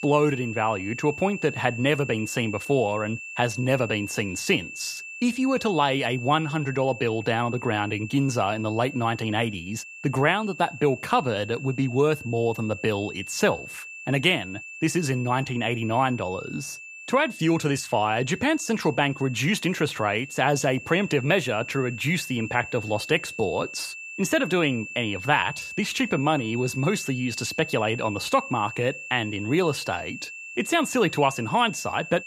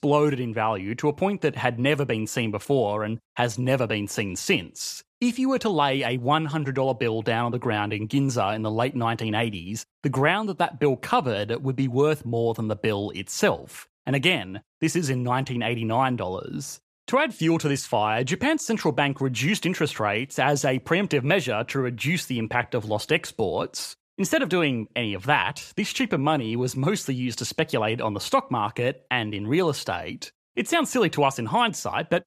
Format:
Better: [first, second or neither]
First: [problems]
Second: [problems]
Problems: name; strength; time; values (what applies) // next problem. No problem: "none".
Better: second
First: high-pitched whine; noticeable; throughout; 2.5 kHz, 10 dB below the speech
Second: none